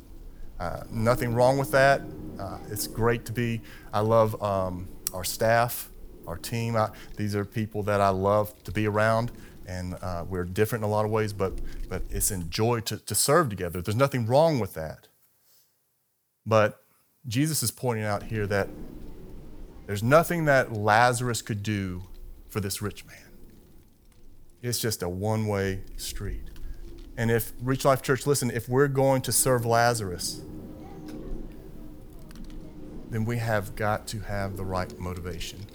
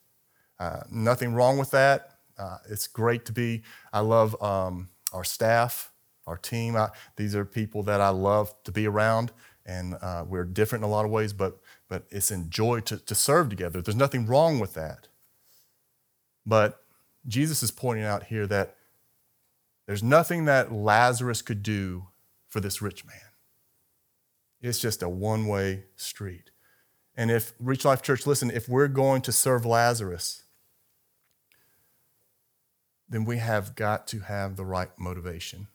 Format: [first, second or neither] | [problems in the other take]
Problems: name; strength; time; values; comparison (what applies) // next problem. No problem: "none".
second | wind noise on the microphone; occasional gusts; until 13 s and from 18 s on; 25 dB below the speech